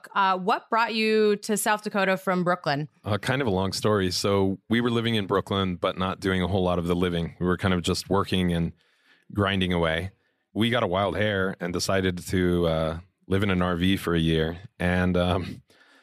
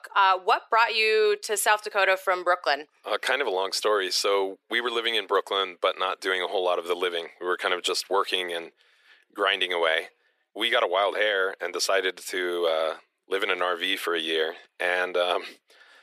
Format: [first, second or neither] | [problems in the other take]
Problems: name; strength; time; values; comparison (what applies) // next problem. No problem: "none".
first | thin; very; fading below 400 Hz